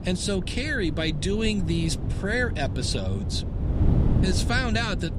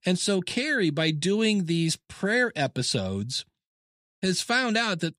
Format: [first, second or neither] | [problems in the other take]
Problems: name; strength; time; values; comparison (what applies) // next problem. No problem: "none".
second | wind noise on the microphone; heavy; 10 dB below the speech